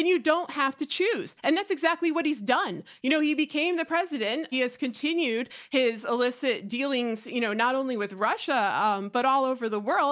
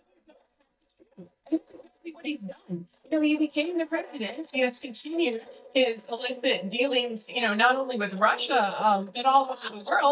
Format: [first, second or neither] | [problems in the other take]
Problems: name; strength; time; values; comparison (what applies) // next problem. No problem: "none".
first | noise reduction (neural mask model DeepFilterNet 3)